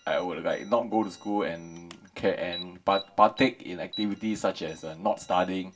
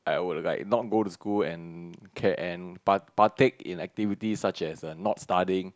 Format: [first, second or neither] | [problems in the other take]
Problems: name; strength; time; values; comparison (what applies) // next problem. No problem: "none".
second | background sound (Alarm); 18 dB below the speech // room echo; dies away in 0.2 s